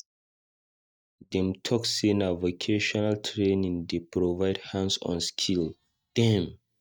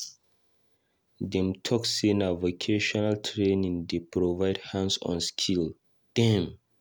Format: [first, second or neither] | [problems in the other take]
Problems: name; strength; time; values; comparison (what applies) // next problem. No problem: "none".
second | noise reduction (neural mask model DeepFilterNet 3)